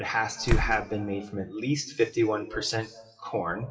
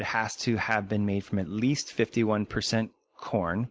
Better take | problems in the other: second | noise reduction (classical method WPE with log-MMSE)

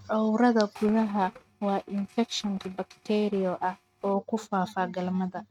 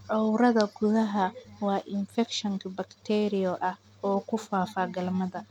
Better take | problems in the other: second | noise reduction (neural mask model RNNoise)

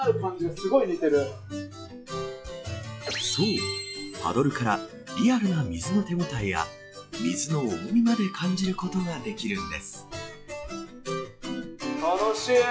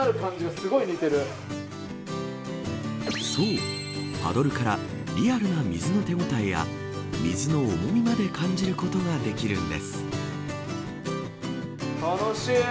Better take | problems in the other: second | noise reduction (classical method log-MMSE)

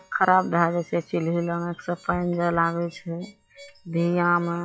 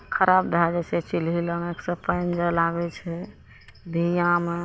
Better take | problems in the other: second | noise reduction (classical method log-MMSE)

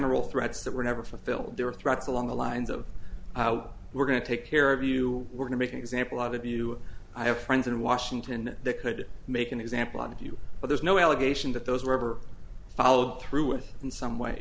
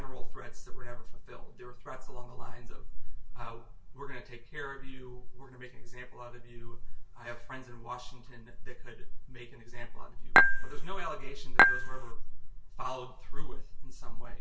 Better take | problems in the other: first | background sound (Dishes, pots, and pans / Chink, clink); 4 dB above the speech // room echo; dies away in 0.2 s

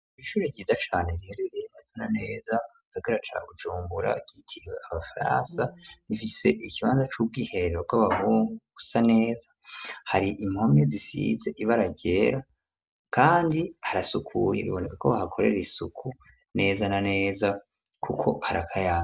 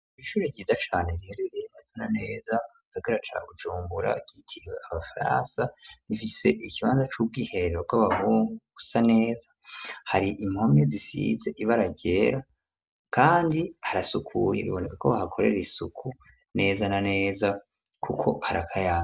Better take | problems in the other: second | background sound (Brass instrument); 18 dB below the speech

